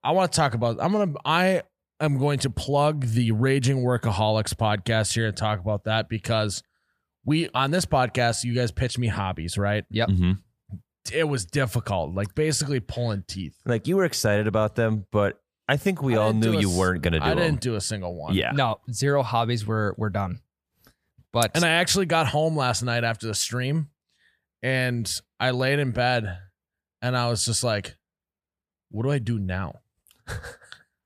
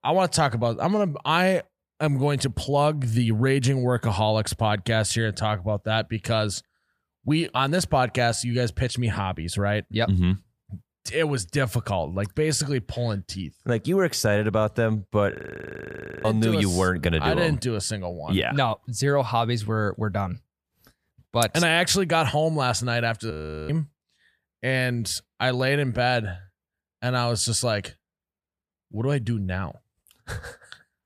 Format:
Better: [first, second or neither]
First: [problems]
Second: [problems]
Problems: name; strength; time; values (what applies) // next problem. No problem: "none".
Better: first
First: none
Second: audio freezing; at 15 s for 1 s and at 23 s